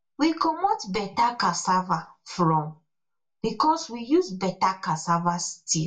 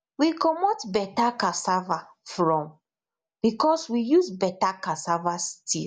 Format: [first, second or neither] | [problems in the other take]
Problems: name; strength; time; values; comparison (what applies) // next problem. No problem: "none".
second | room echo; dies away in 0.1 s